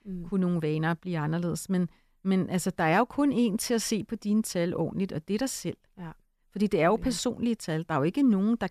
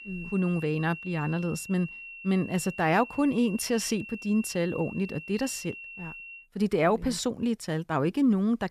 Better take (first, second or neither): first